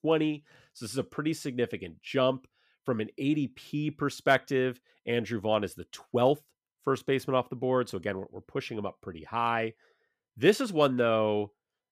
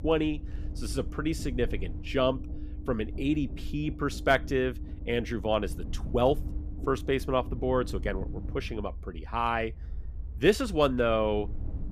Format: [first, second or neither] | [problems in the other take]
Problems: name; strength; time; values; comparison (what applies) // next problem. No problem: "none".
first | low rumble; faint; throughout; 20 dB below the speech